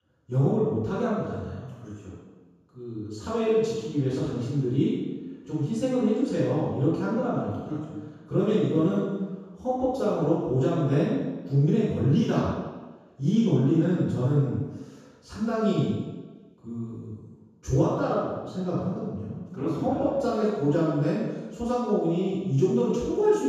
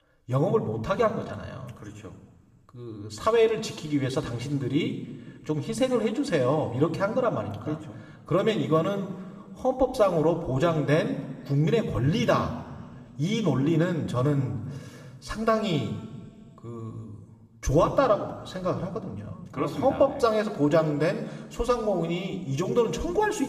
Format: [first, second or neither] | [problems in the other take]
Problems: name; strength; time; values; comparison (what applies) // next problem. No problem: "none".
second | room echo; strong; dies away in 1.2 s; slight in the second // off-mic speech; far